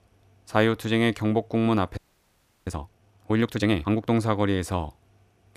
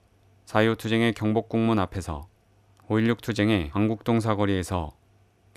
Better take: second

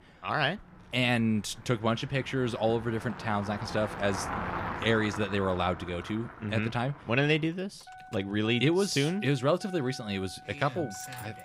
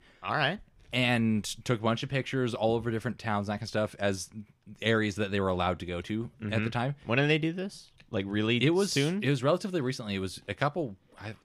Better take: second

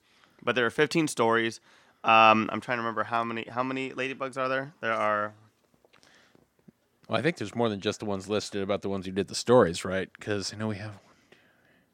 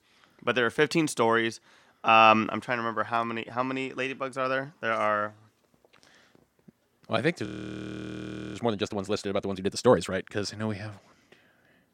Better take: first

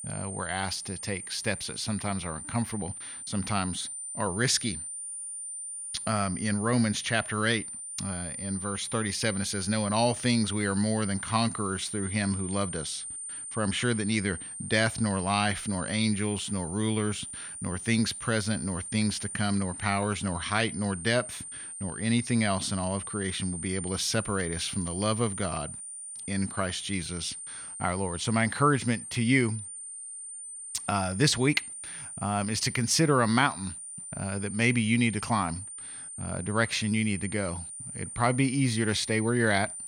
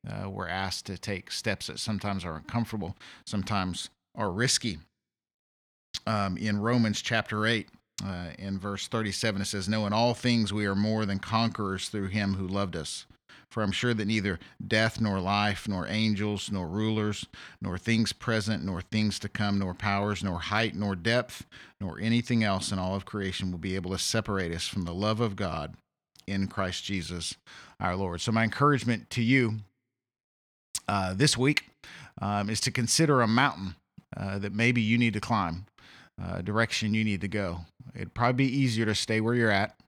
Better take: second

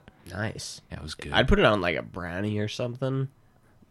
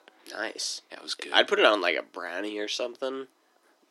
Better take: first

